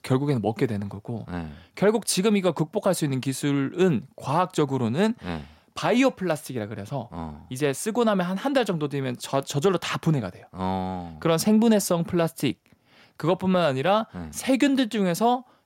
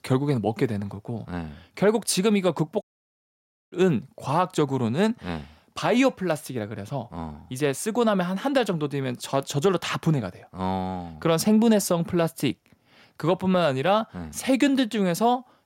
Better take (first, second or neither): first